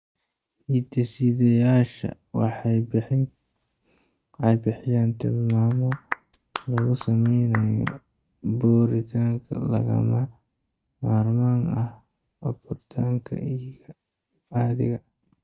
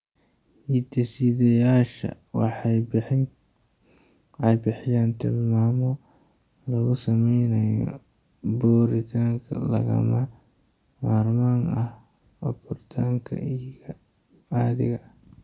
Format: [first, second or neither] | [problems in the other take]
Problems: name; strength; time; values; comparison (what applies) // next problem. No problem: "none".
second | noise reduction (neural mask model RNNoise)